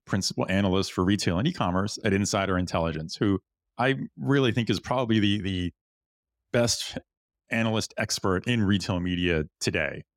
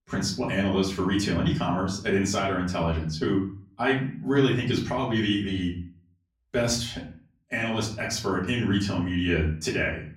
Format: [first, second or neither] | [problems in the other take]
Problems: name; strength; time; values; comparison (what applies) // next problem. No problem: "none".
first | room echo; slight; dies away in 0.4 s // off-mic speech; far